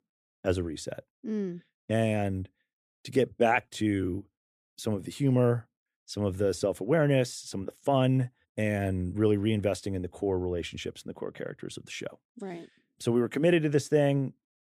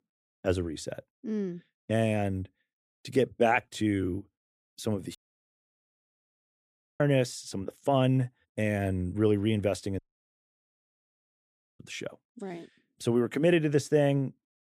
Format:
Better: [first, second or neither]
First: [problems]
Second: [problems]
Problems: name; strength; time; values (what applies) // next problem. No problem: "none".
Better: first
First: none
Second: audio cutting out; at 5 s for 2 s and at 10 s for 2 s